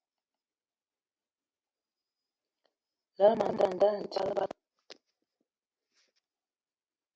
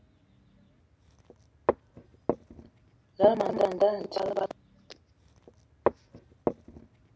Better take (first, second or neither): first